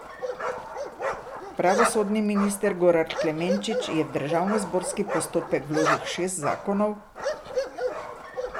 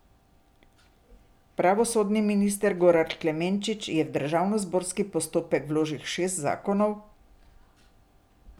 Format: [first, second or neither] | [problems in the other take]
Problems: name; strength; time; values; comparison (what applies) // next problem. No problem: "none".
second | background sound (Bark); 4 dB below the speech